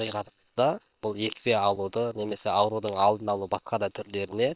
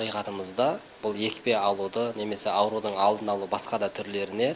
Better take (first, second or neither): second